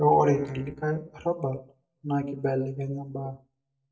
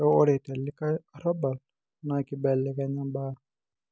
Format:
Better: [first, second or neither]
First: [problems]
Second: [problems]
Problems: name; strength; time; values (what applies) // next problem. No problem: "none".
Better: second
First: noise reduction (neural mask model DeepFilterNet 3)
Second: none